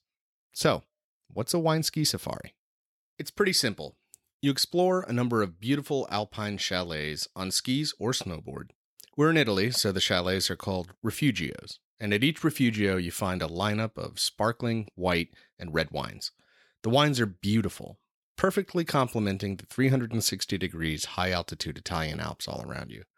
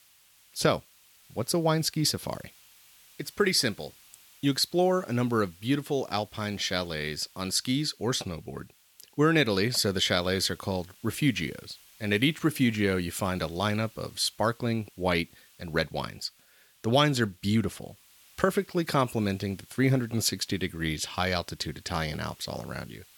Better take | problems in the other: first | hiss; faint; throughout; 25 dB below the speech

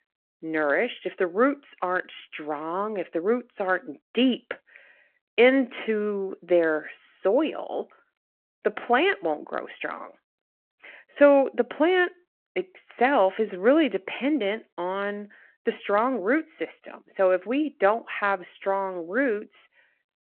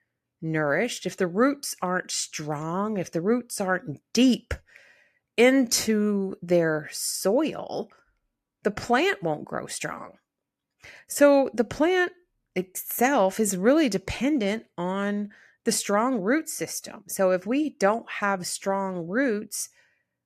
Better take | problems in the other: second | phone-call audio

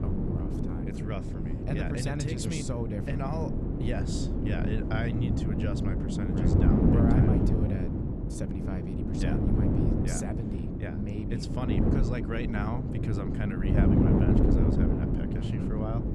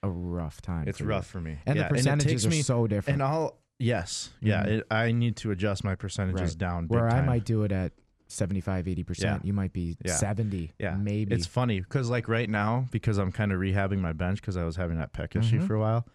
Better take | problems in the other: second | wind noise on the microphone; heavy; 3 dB above the speech

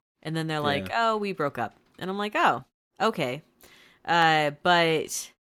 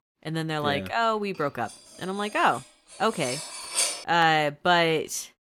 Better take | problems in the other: first | clattering dishes; loud; at 3 s; peak 1 dB above the speech

